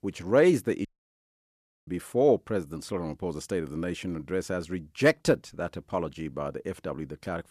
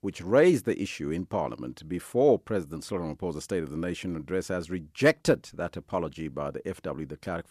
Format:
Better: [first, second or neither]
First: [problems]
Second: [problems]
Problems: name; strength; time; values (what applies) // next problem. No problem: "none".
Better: second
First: audio cutting out; at 1 s for 1 s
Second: none